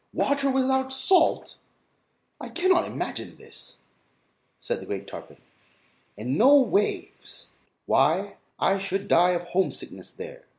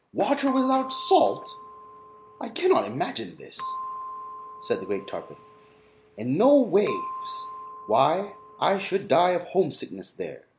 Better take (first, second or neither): first